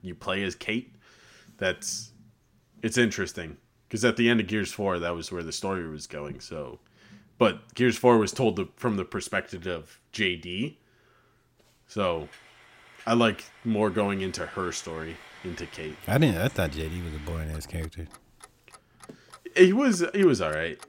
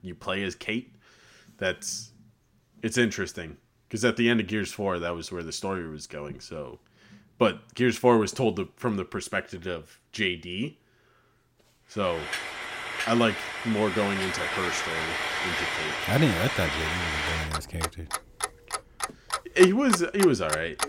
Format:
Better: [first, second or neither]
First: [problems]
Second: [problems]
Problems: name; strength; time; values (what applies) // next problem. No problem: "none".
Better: first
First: household noises; faint; from 12 s on; 20 dB below the speech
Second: household noises; loud; from 12 s on; 3 dB below the speech